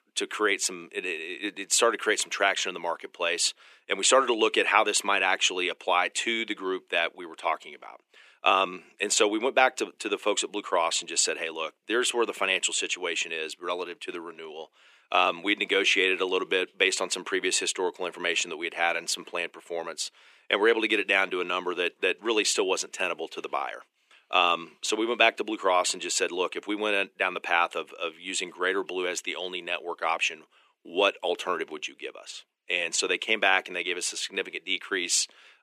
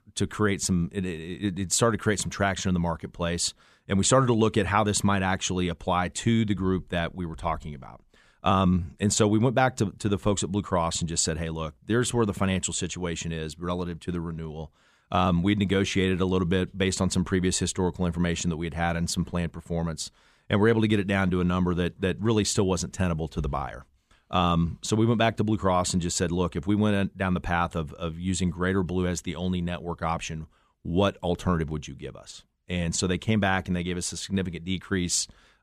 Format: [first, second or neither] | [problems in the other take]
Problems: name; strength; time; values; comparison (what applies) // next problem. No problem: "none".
second | thin; very; fading below 350 Hz